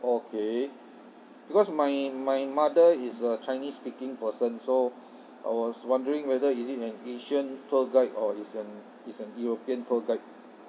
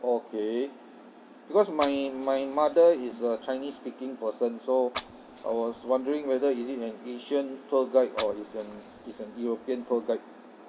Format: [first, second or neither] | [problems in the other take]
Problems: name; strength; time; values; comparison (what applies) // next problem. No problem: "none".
first | background sound (Fire); 17 dB below the speech